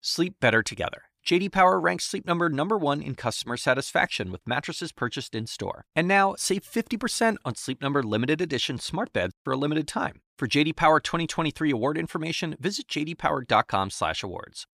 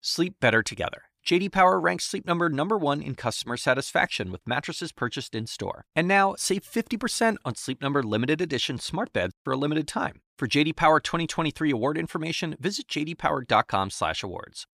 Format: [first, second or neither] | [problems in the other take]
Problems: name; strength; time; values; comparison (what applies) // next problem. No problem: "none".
neither | none